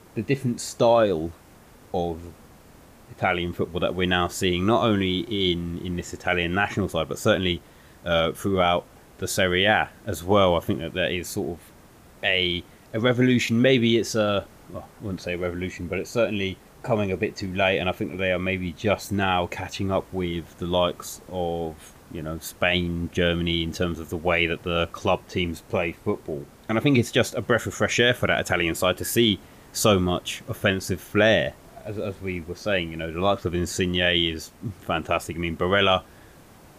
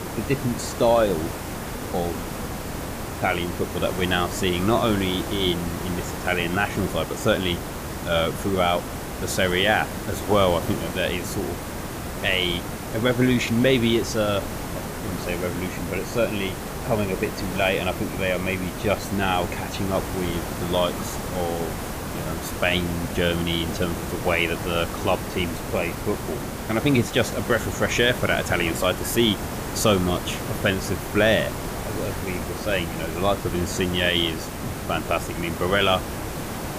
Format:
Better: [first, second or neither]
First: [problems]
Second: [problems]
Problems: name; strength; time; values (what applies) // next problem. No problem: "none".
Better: first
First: hiss; faint; throughout; 25 dB below the speech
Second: hiss; loud; throughout; 7 dB below the speech